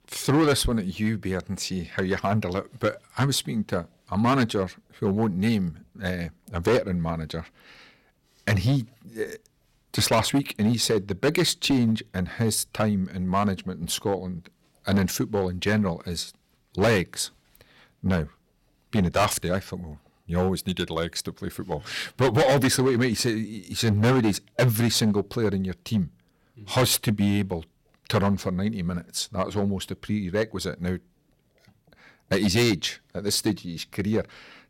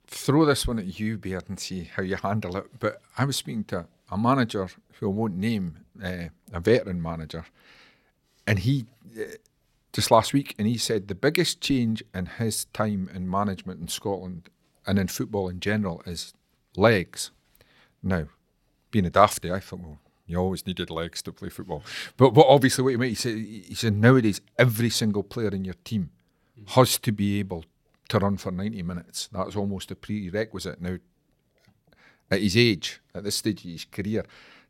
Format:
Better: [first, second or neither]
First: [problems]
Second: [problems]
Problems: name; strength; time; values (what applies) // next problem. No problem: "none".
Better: second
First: distortion; heavy; 5% of the sound clipped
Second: none